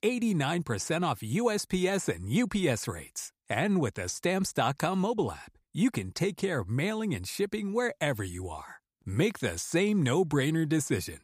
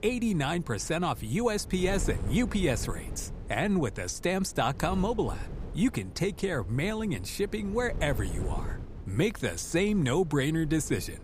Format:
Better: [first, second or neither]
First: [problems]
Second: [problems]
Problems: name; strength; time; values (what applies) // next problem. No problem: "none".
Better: first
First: none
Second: wind noise on the microphone; occasional gusts; 20 dB below the speech